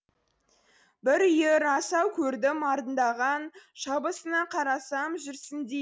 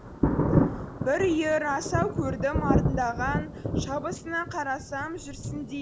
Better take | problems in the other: first | background sound (Thunder); 1 dB above the speech

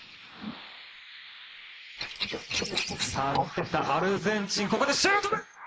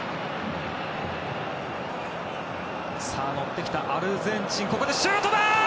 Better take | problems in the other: second | noise reduction (neural mask model Resemble Enhance denoiser)

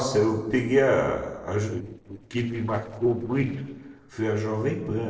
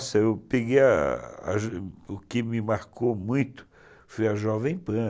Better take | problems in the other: second | noise reduction (neural separator model SepFormer DNS4)

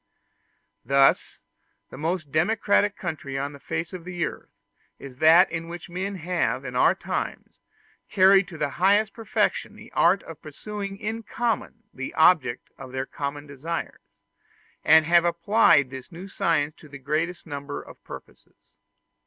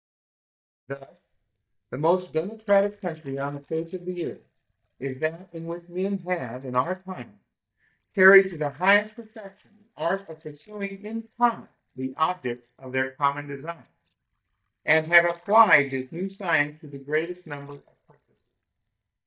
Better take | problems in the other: first | noise reduction (neural mask model DeepFilterNet 3)

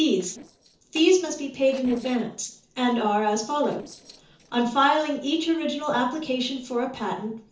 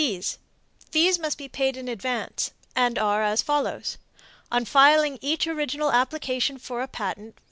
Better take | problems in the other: second | noise reduction (neural separator model SepFormer DNS4)

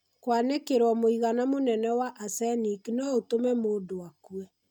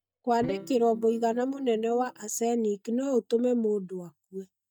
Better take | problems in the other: first | noise reduction (neural mask model DeepFilterNet 3)

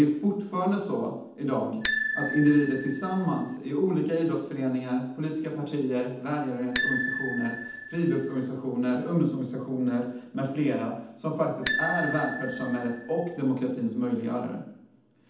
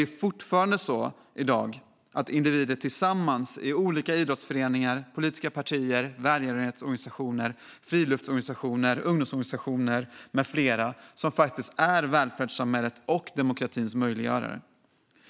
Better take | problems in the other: second | background sound (Bicycle bell); 9 dB below the speech // room echo; dies away in 0.8 s

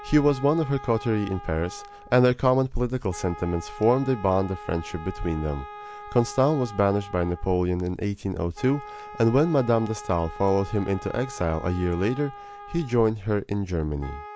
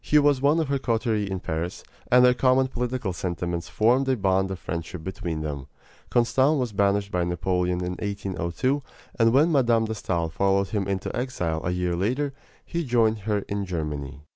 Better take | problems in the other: second | background sound (Wind instrument, woodwind instrument); 16 dB below the speech

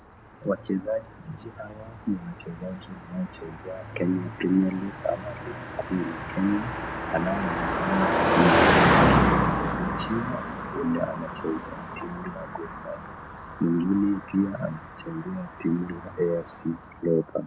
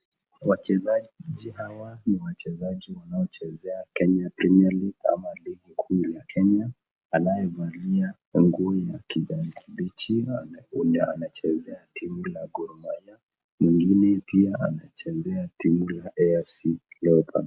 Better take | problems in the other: second | background sound (Car passing by); 1 dB above the speech

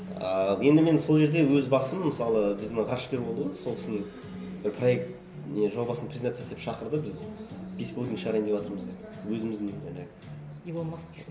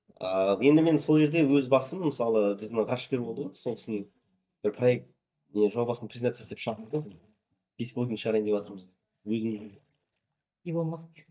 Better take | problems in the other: first | noise reduction (neural mask model DeepFilterNet 3)

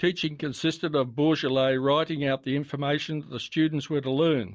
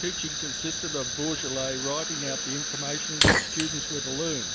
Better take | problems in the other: first | background sound (Fire); 5 dB above the speech

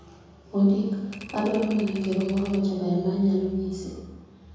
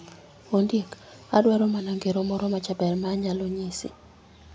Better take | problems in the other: second | background sound (Typewriter); 18 dB below the speech // room echo; dies away in 1.3 s

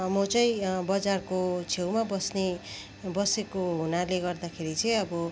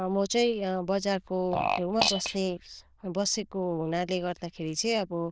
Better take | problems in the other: first | noise reduction (neural diffusion model UNIVERSE++)

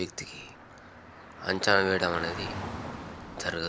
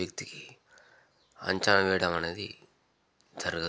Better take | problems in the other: second | background sound (Traffic noise, roadway noise / Car); 10 dB below the speech

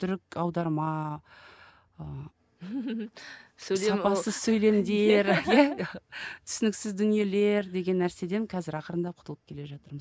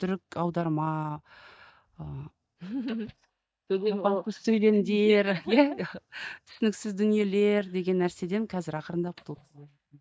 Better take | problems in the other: first | noise reduction (neural mask model DeepFilterNet 3)

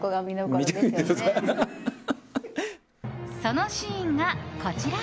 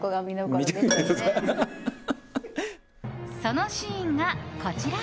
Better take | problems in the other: first | background sound (Keyboard (musical)); 10 dB below the speech

